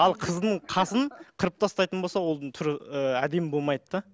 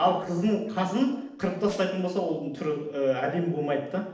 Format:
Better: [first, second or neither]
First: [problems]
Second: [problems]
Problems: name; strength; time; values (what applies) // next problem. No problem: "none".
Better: first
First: none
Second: noise reduction (neural separator model SepFormer DNS4)